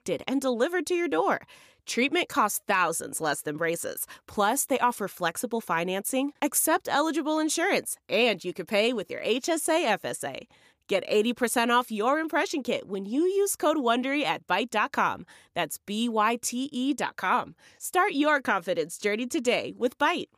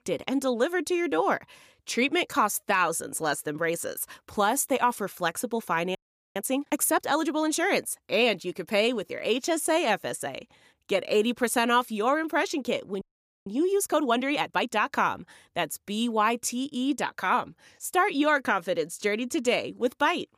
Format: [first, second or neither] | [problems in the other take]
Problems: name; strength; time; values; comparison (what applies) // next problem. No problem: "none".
first | audio freezing; at 6 s and at 13 s